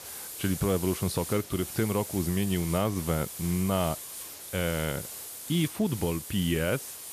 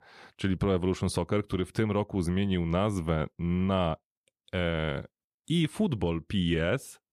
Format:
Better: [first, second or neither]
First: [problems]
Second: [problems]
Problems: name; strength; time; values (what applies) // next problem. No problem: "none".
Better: second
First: hiss; loud; throughout; 8 dB below the speech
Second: none